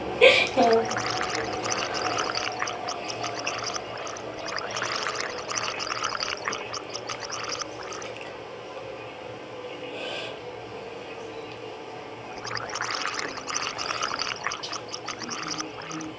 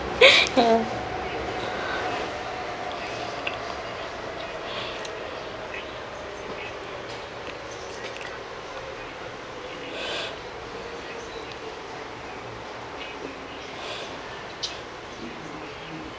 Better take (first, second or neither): second